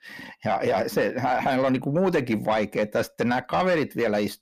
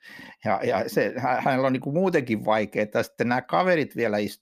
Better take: second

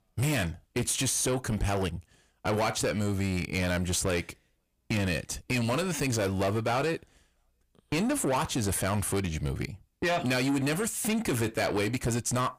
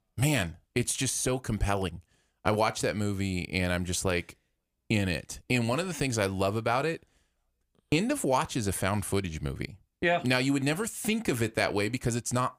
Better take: second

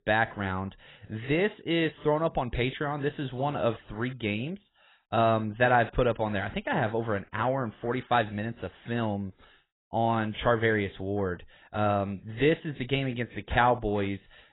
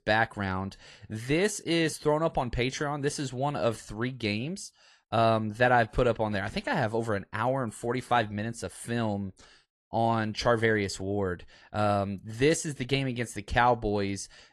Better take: second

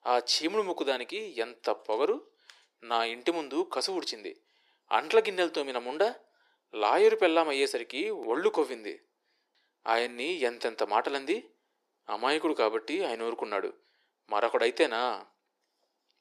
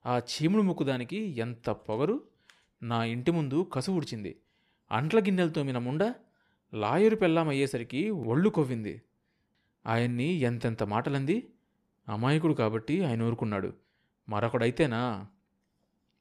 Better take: second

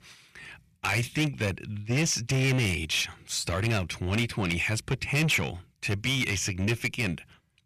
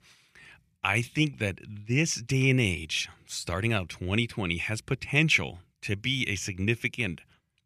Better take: second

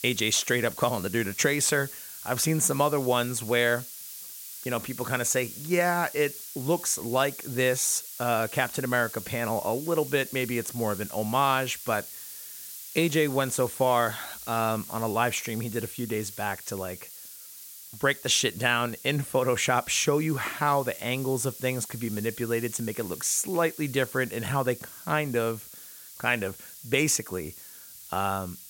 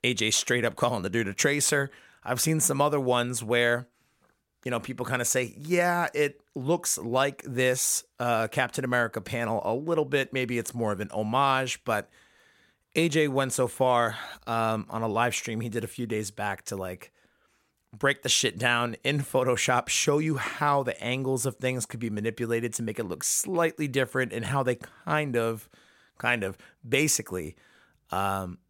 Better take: second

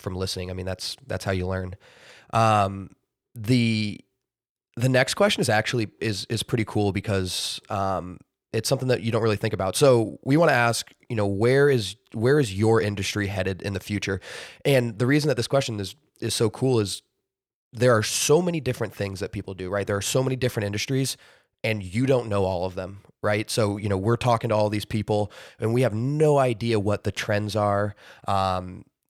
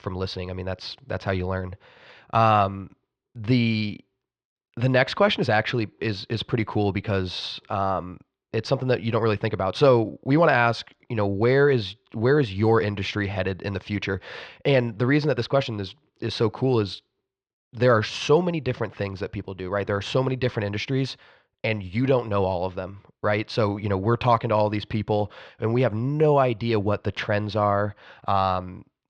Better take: first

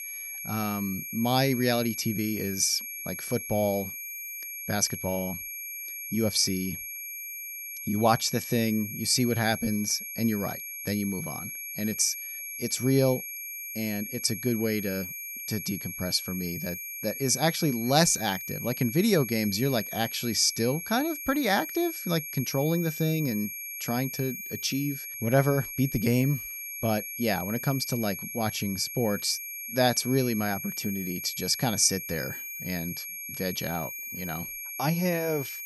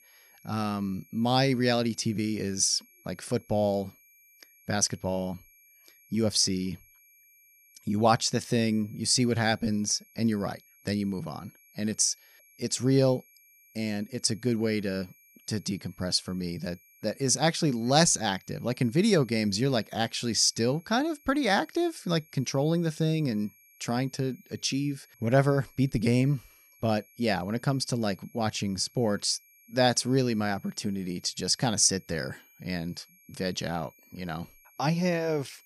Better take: second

